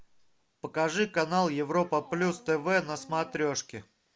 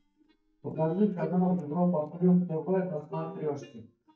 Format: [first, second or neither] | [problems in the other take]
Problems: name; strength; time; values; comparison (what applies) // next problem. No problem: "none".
first | noise reduction (neural mask model DeepFilterNet 3)